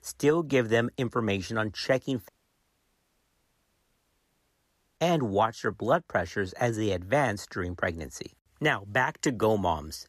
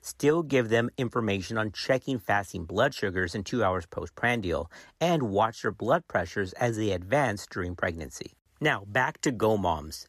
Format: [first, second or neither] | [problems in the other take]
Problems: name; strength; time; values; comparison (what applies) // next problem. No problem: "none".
second | audio cutting out; at 2.5 s for 2.5 s